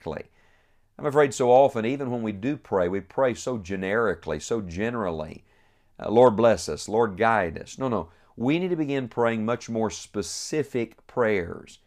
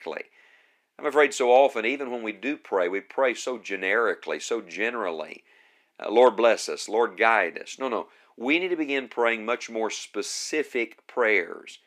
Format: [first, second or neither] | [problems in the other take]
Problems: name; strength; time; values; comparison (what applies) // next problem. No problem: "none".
first | thin; very slightly; fading below 300 Hz